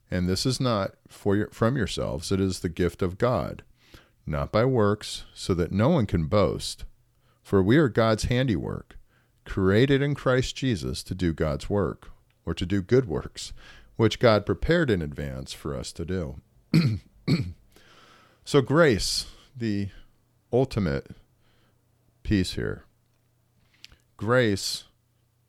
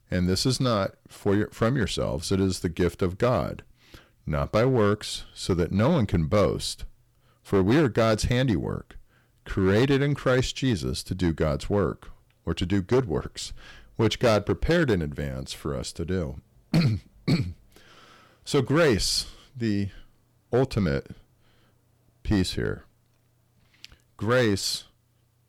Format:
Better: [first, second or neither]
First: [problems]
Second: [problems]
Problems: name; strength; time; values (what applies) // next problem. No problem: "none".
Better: first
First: none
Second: distortion; slight; 4% of the sound clipped